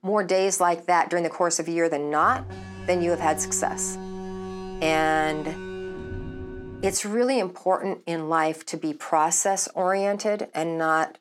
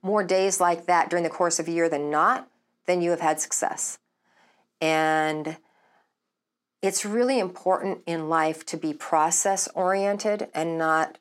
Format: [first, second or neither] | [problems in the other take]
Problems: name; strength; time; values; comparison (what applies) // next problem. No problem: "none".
second | alarm; faint; from 2 to 7 s; peak 10 dB below the speech